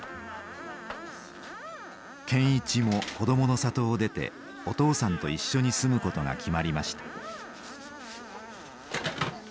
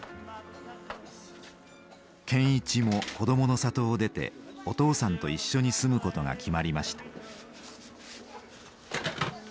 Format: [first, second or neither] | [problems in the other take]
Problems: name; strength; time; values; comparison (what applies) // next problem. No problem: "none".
second | background sound (Screech); 15 dB below the speech